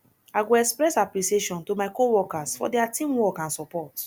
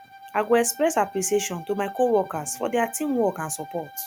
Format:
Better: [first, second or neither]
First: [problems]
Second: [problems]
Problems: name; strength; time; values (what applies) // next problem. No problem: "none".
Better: first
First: none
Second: background sound (Bowed string instrument); 18 dB below the speech